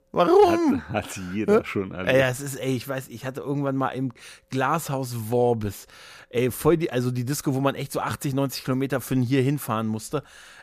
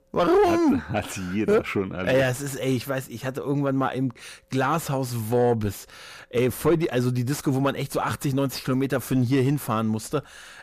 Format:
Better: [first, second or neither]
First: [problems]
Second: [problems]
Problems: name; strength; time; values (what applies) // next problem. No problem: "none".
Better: first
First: none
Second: distortion; slight; 10 dB below the speech